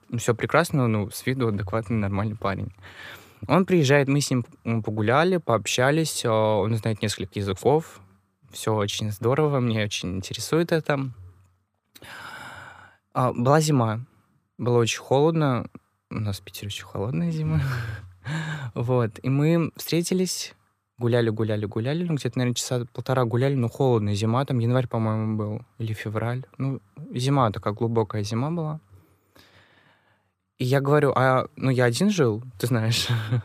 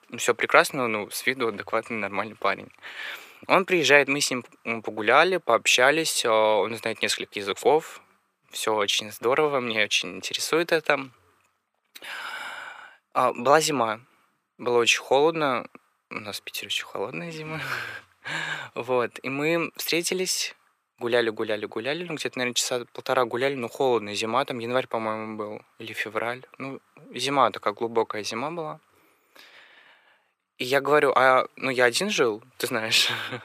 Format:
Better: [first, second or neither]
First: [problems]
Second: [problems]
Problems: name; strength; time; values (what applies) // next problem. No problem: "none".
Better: first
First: none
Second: thin; somewhat; fading below 400 Hz